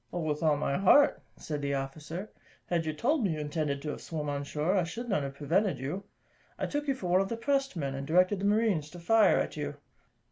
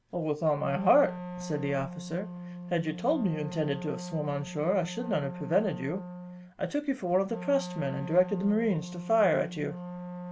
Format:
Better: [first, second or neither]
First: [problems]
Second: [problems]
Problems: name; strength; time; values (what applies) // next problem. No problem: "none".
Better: first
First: none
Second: background sound (Wind instrument, woodwind instrument); 10 dB below the speech